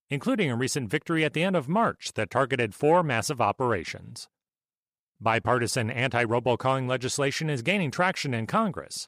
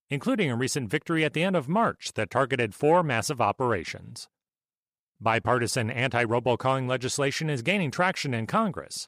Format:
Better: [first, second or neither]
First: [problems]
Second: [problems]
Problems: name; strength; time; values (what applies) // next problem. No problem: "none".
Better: neither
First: none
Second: none